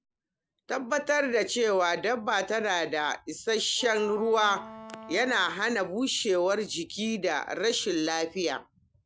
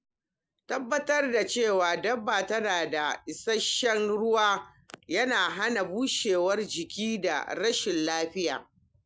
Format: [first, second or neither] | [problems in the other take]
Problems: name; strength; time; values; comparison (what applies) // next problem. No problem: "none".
second | background sound (Wind instrument, woodwind instrument); 16 dB below the speech